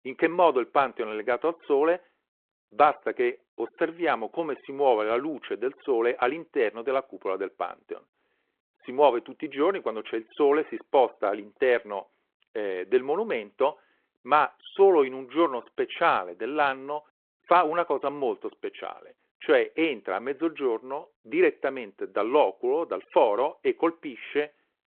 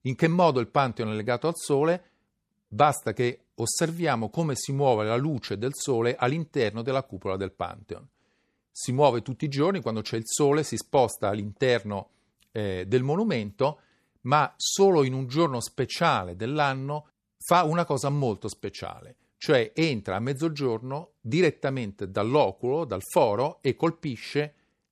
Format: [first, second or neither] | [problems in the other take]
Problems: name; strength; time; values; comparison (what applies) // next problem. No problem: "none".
second | phone-call audio